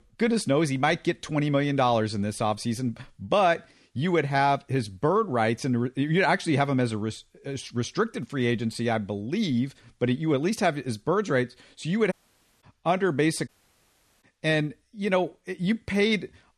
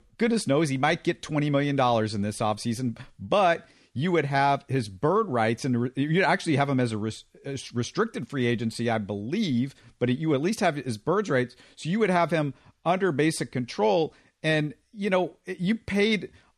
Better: second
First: audio cutting out; at 12 s for 0.5 s and at 13 s for 1 s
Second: none

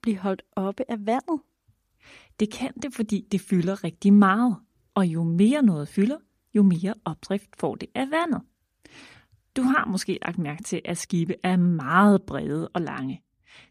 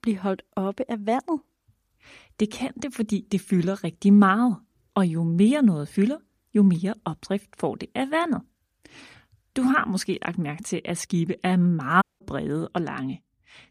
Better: first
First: none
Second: audio cutting out; at 12 s

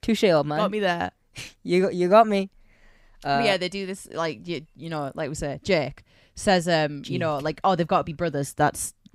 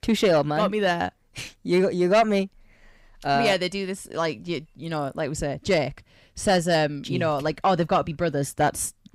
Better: first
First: none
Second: distortion; slight; 10 dB below the speech

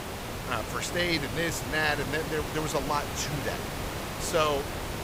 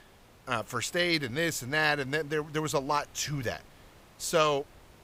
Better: second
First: hiss; loud; throughout; 5 dB below the speech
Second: hiss; faint; throughout; 25 dB below the speech

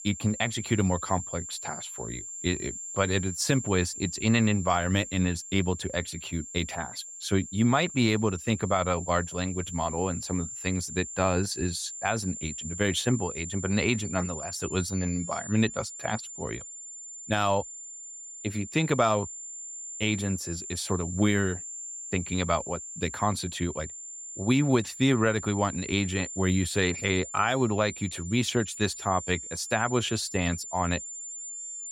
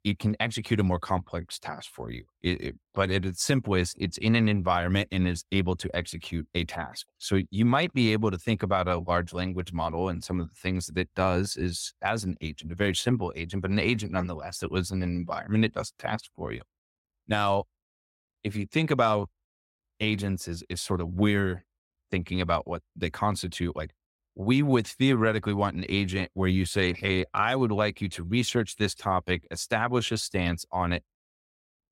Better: second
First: high-pitched whine; loud; throughout; 7.5 kHz, 9 dB below the speech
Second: none

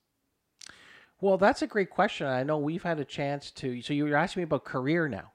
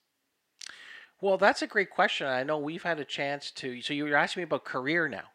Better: first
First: none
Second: thin; very slightly; fading below 850 Hz

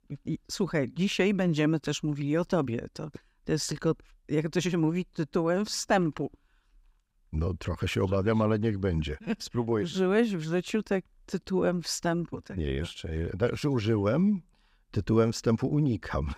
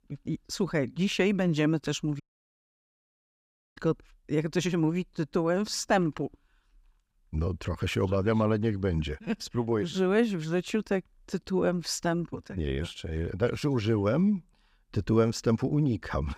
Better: first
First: none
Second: audio cutting out; at 2 s for 1.5 s

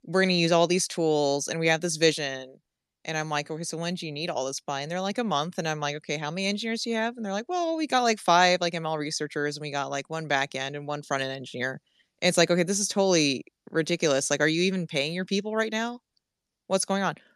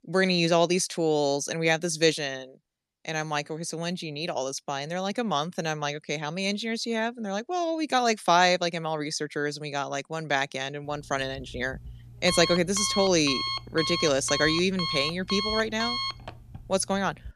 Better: first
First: none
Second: alarm; noticeable; from 11 s on; peak 2 dB below the speech

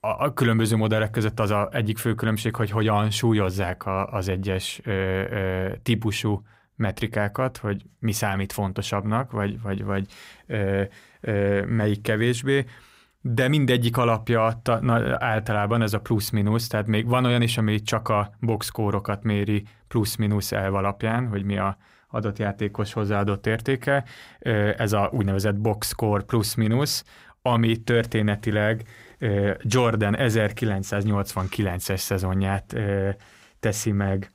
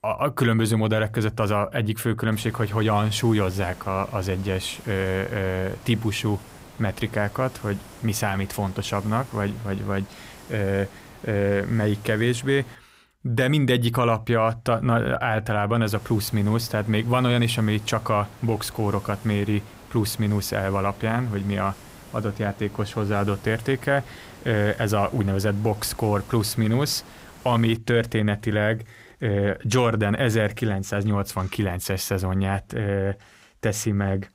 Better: first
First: none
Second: hiss; faint; from 2.5 to 13 s and from 16 to 28 s; 20 dB below the speech

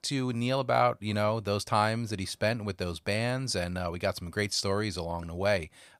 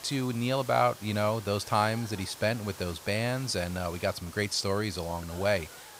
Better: first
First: none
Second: hiss; noticeable; throughout; 15 dB below the speech

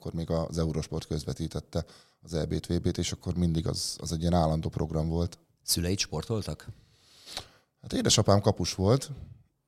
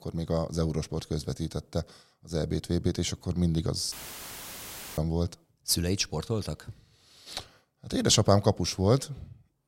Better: first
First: none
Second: audio cutting out; filled with static; at 4 s for 1 s

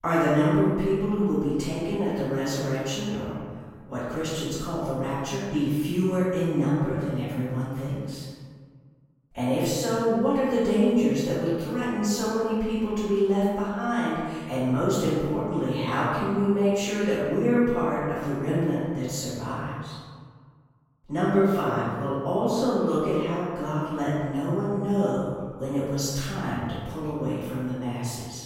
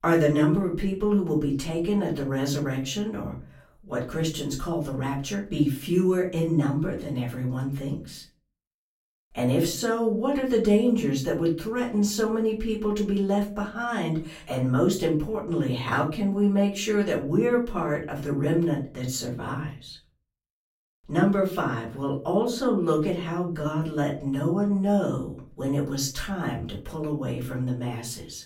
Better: second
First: room echo; strong; dies away in 1.6 s // off-mic speech; far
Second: room echo; slight; dies away in 0.4 s // off-mic speech; far

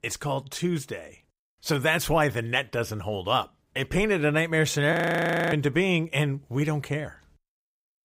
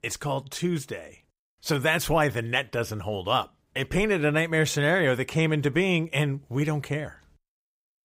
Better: second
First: audio freezing; at 5 s for 0.5 s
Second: none

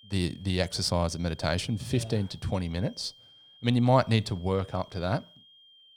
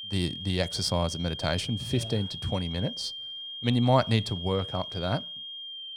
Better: first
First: high-pitched whine; faint; throughout; 3 kHz, 25 dB below the speech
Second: high-pitched whine; loud; throughout; 3 kHz, 7 dB below the speech

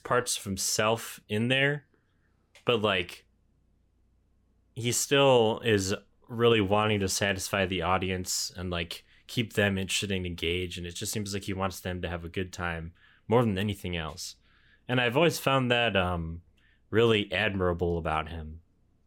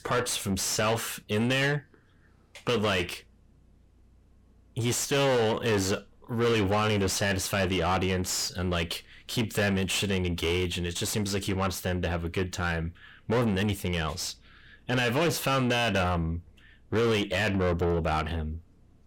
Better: first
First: none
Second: distortion; heavy; 6 dB below the speech

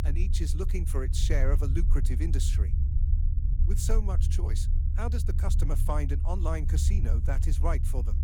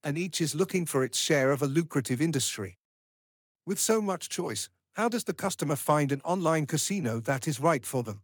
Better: second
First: low rumble; loud; throughout; 8 dB below the speech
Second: none

